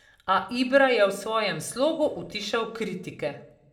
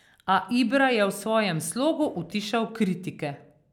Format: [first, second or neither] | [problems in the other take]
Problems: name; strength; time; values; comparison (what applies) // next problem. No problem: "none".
second | room echo; dies away in 0.4 s